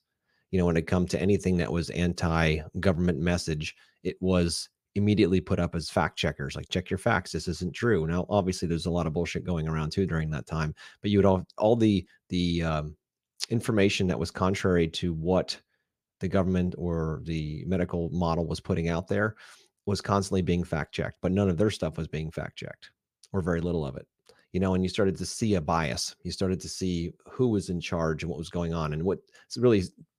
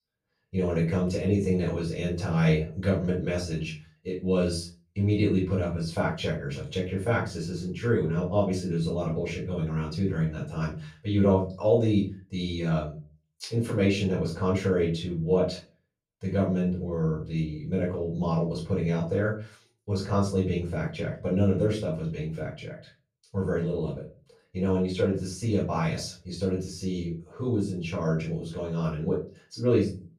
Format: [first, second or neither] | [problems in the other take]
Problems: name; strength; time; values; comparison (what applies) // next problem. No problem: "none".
first | off-mic speech; far // room echo; slight; dies away in 0.3 s